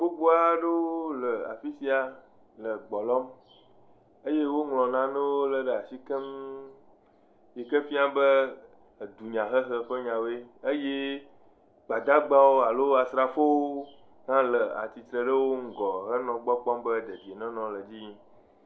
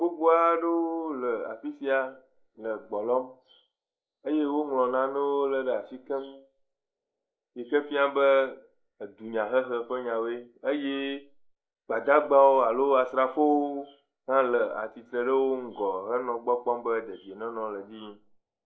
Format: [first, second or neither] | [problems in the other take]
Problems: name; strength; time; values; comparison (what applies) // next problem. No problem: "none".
first | noise reduction (neural mask model Resemble Enhance denoiser)